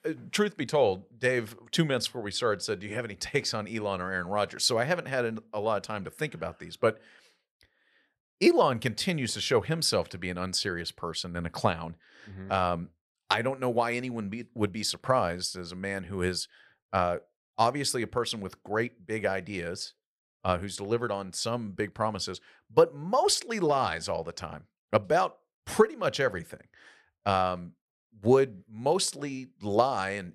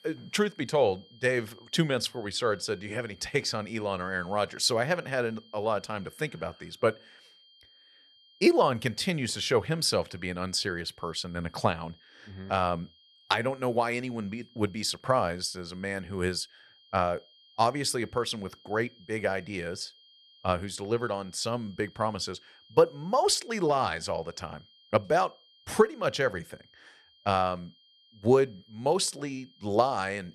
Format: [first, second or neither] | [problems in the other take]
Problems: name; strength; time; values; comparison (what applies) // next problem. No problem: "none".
first | high-pitched whine; faint; throughout; 3 kHz, 30 dB below the speech